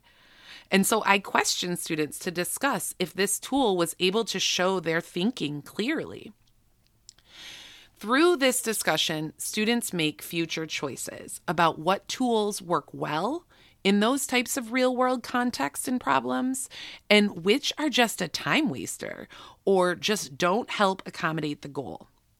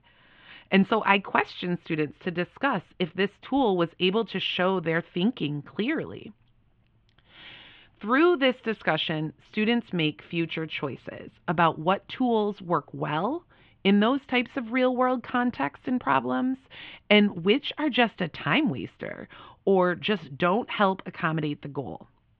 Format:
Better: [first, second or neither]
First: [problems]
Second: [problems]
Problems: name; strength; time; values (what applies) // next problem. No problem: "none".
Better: first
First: none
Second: muffled; very; fading above 3 kHz